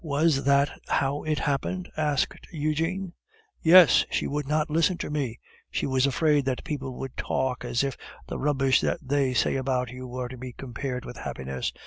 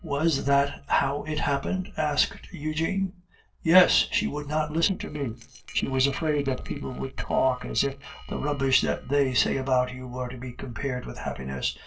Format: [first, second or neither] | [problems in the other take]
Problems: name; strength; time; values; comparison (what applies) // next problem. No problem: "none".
first | noise reduction (neural separator model SepFormer DNS4)